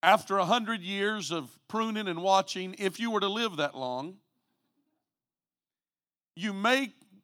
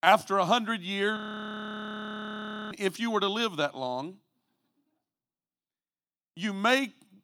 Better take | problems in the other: first | audio freezing; at 1 s for 1.5 s

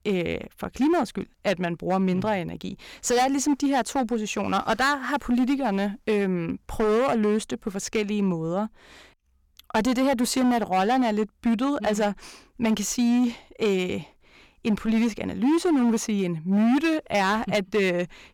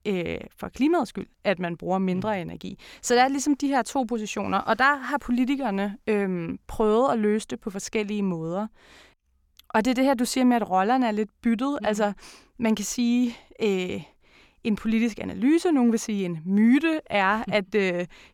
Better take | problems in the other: second | distortion; slight; 10% of the sound clipped

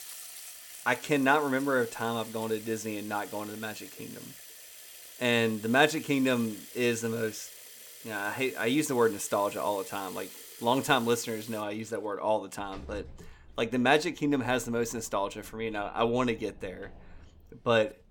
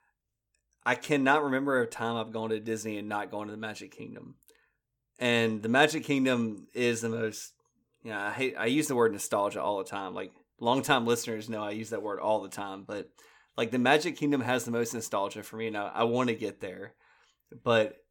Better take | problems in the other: second | household noises; noticeable; throughout; 15 dB below the speech

